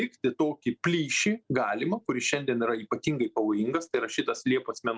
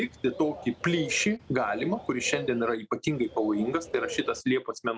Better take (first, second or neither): first